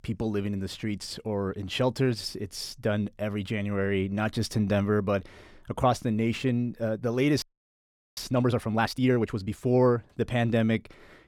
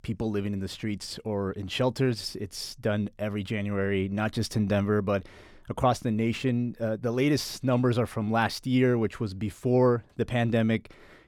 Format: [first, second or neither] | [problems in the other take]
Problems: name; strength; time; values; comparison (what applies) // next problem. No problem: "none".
second | audio freezing; at 7.5 s for 1 s